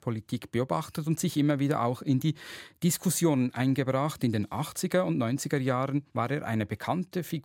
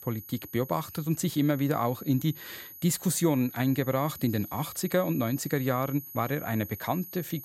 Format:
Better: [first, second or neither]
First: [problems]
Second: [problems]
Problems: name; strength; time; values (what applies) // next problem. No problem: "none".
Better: first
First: none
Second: high-pitched whine; noticeable; throughout; 12 kHz, 15 dB below the speech